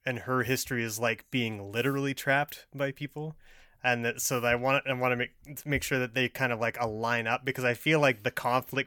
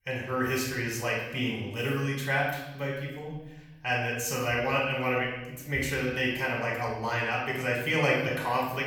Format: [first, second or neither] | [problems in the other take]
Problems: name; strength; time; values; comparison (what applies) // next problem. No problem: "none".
first | room echo; noticeable; dies away in 0.9 s // off-mic speech; far